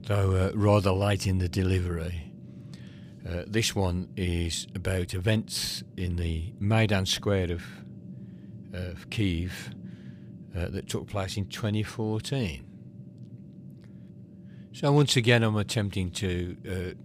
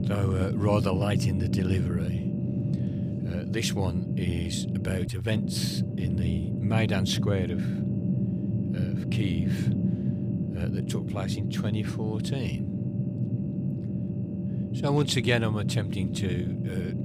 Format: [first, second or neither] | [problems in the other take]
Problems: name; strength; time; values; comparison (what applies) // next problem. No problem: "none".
first | low rumble; loud; throughout; 5 dB below the speech; faint in the first